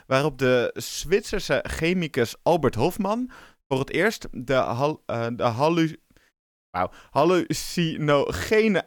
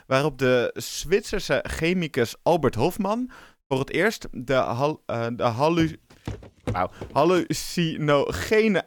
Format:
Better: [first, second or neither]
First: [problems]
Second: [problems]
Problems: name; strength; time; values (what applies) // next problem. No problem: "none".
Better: first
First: none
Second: footsteps; noticeable; from 6 to 7.5 s; peak 9 dB below the speech